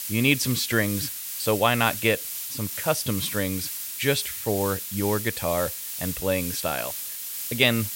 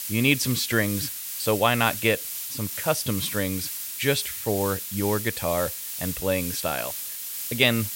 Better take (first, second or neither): neither